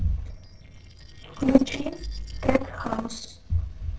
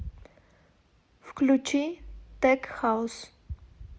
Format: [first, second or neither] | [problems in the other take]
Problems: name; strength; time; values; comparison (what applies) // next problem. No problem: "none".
second | noise reduction (neural separator model SepFormer DNS4)